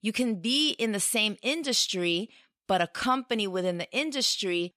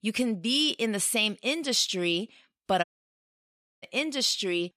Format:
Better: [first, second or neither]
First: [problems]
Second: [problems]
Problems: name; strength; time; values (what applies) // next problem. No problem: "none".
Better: first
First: none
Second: audio cutting out; at 3 s for 1 s